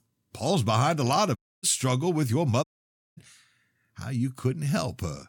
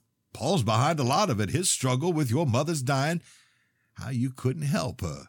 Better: second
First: audio cutting out; at 1.5 s and at 2.5 s for 0.5 s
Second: none

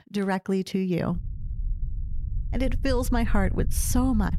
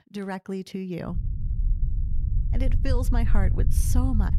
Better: first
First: low rumble; faint; from 1 s on; 20 dB below the speech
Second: low rumble; loud; from 1 s on; 9 dB below the speech

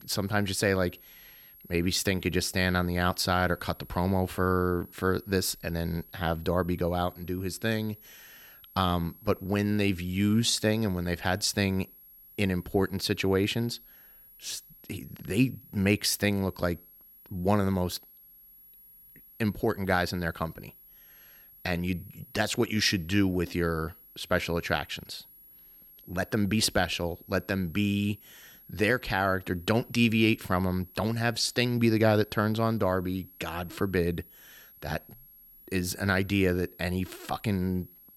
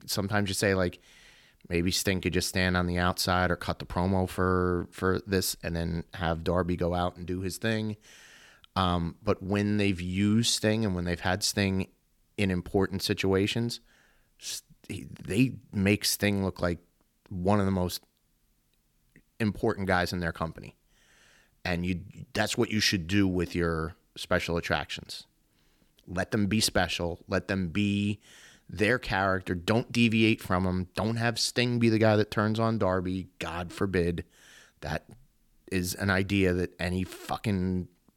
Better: second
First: high-pitched whine; faint; throughout; 11.5 kHz, 20 dB below the speech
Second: none

